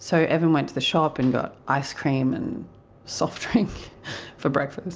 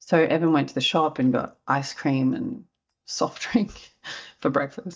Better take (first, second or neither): first